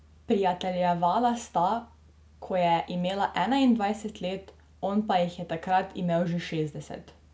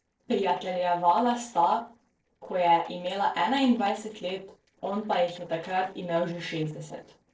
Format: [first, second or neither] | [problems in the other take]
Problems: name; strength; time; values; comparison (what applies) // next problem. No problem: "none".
first | noise reduction (neural separator model SepFormer DNS4)